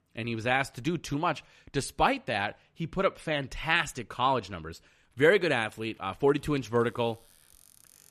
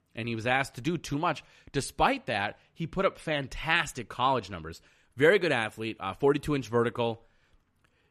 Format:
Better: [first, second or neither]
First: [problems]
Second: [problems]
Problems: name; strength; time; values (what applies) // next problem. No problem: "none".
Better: second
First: household noises; faint; from 5 s on; 30 dB below the speech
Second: none